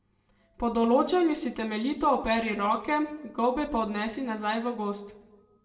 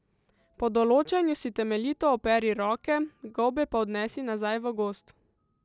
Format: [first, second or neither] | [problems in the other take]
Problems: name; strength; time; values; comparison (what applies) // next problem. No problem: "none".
second | room echo; dies away in 0.6 s